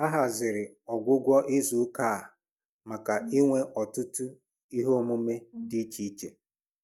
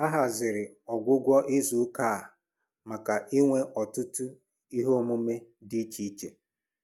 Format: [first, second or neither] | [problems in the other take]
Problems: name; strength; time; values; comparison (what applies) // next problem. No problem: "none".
second | noise reduction (neural mask model DeepFilterNet 3)